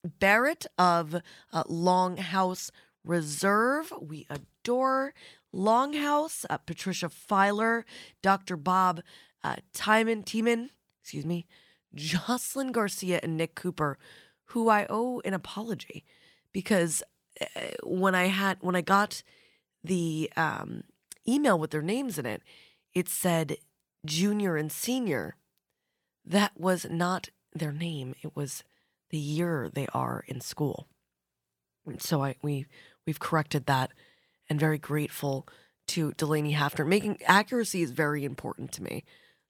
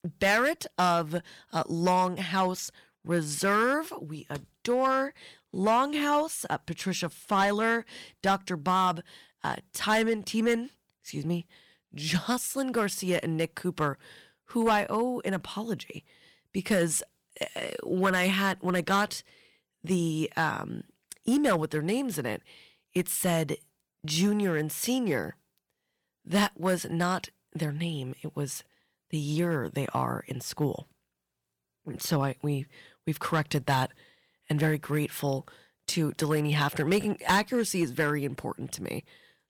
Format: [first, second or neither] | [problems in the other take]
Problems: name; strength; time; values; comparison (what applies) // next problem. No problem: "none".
first | distortion; slight; 3% of the sound clipped